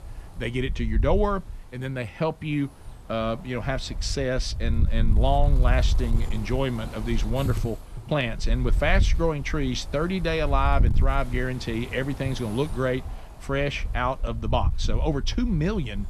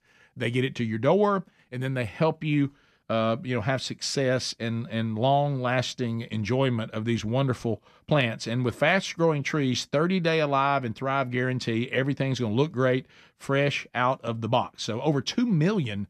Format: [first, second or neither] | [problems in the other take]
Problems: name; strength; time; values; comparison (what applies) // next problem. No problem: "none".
second | wind noise on the microphone; occasional gusts; 15 dB below the speech